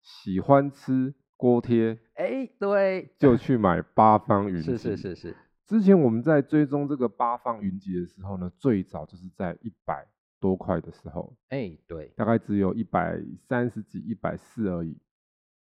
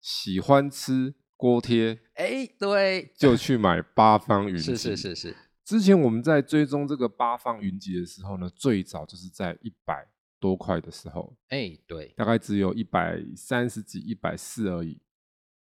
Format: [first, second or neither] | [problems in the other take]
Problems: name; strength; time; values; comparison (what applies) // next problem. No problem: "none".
second | muffled; very; fading above 2.5 kHz